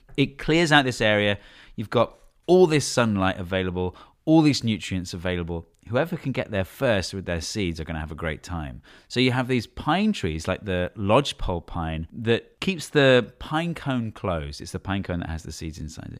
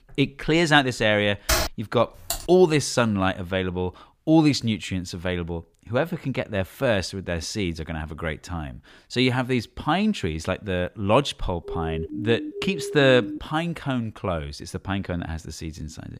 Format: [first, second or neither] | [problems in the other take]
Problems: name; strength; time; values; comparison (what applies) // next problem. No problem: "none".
first | keyboard typing; loud; at 1.5 s; peak 1 dB above the speech // keyboard typing; noticeable; at 2.5 s; peak 7 dB below the speech // siren; noticeable; from 12 to 13 s; peak 8 dB below the speech